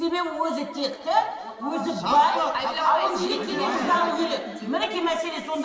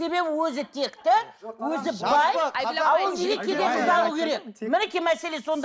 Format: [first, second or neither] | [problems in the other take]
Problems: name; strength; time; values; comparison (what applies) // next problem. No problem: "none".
second | room echo; dies away in 2.3 s